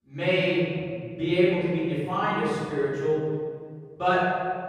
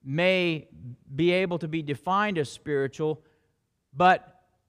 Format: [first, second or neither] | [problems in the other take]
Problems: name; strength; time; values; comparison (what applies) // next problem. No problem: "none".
second | off-mic speech; far // room echo; strong; dies away in 1.8 s